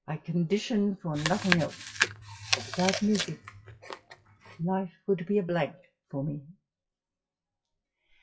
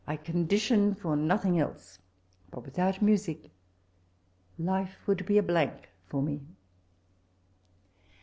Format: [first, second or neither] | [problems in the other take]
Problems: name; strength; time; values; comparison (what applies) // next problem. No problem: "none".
second | noise reduction (classical method WPE with log-MMSE)